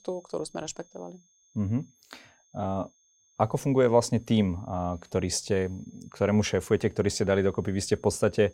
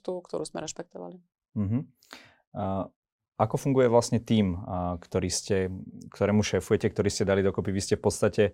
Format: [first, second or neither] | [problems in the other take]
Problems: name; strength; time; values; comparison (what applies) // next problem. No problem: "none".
second | high-pitched whine; faint; throughout; 6.5 kHz, 35 dB below the speech